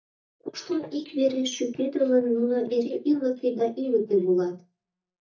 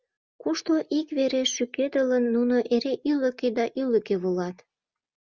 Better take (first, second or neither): second